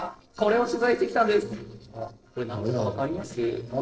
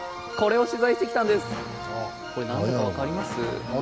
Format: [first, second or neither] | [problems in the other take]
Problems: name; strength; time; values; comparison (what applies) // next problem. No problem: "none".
second | noise reduction (neural separator model SepFormer DNS4)